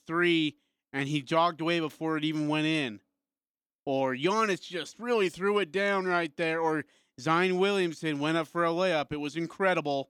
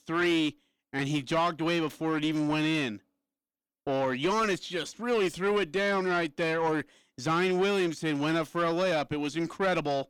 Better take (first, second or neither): first